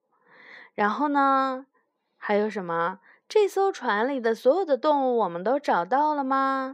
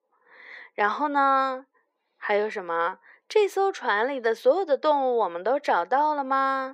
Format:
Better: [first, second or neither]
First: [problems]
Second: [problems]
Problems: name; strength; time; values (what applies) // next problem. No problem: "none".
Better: first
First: none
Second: thin; very slightly; fading below 400 Hz